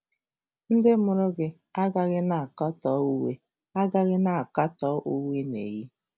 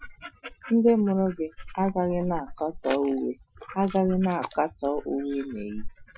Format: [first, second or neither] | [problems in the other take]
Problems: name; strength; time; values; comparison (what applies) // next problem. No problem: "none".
first | noise reduction (classical method Wiener filter)